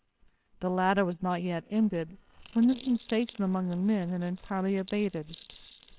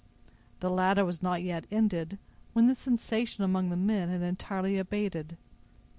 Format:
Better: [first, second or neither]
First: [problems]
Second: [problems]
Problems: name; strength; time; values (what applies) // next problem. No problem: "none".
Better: second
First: noise reduction (neural separator model SepFormer WHAMR!)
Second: none